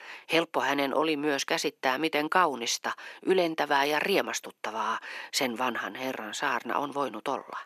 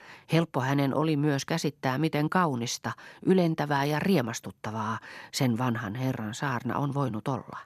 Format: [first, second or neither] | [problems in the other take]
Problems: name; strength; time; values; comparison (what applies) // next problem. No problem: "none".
second | thin; somewhat; fading below 350 Hz